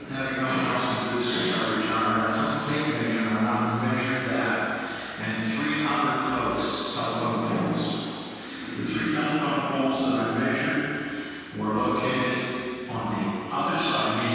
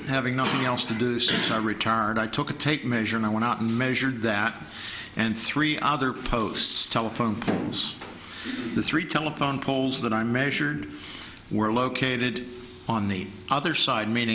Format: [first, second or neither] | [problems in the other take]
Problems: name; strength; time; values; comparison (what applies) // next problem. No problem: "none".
second | room echo; dies away in 2.2 s